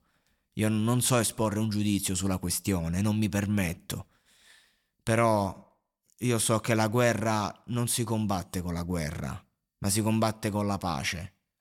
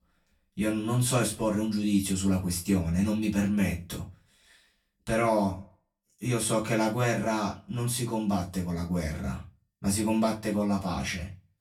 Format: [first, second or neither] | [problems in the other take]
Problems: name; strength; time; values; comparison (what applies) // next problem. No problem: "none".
first | off-mic speech; far // room echo; very slight; dies away in 0.2 s